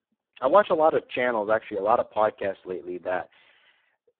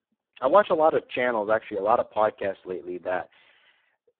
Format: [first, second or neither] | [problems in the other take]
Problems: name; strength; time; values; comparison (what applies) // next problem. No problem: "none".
neither | phone-call audio; poor line; the same in both